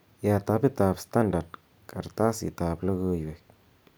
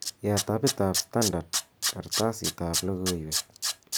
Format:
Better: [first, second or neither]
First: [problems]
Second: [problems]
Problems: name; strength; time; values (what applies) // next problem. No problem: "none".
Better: first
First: none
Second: background sound (Tools); 2 dB below the speech